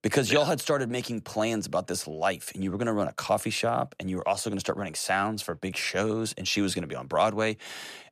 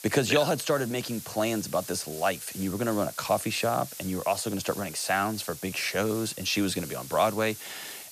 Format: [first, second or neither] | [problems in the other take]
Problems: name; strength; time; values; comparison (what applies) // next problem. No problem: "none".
first | hiss; noticeable; throughout; 10 dB below the speech